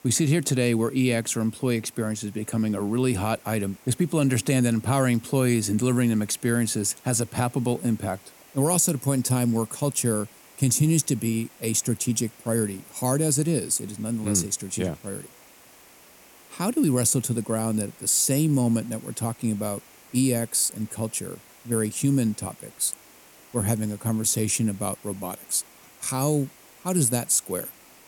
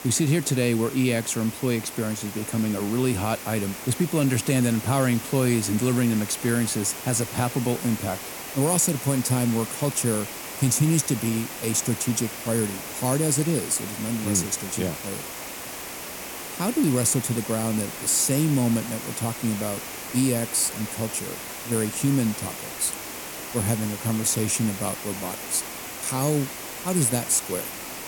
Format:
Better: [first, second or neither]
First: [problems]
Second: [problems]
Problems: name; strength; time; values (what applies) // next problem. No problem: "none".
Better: first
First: hiss; faint; throughout; 25 dB below the speech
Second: hiss; loud; throughout; 9 dB below the speech